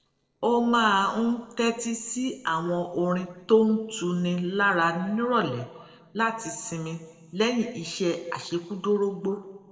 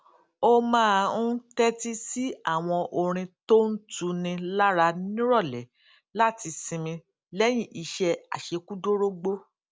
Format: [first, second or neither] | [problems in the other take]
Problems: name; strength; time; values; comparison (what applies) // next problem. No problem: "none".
second | noise reduction (neural separator model SepFormer DNS4)